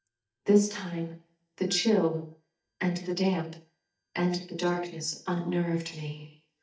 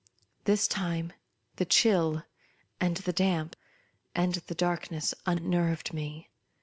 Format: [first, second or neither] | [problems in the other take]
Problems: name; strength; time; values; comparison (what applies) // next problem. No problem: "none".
second | noise reduction (neural mask model DeepFilterNet 3)